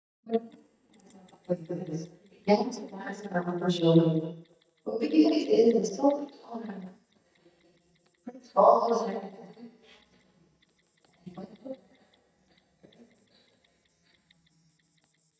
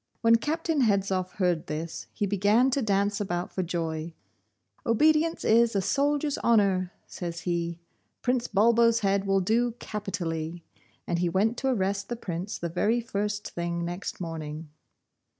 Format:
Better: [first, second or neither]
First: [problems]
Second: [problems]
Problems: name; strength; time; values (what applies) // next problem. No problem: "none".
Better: second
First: noise reduction (neural mask model DeepFilterNet 3)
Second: none